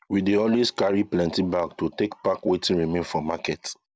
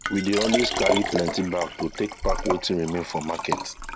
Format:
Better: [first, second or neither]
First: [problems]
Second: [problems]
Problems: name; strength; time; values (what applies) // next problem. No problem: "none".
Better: first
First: none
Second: background sound (Liquid); 2 dB below the speech